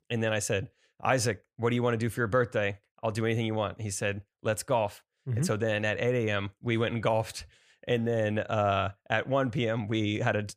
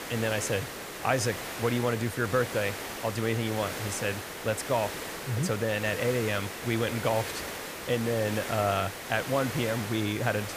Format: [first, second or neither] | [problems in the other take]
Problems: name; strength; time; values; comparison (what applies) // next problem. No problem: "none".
first | hiss; loud; throughout; 6 dB below the speech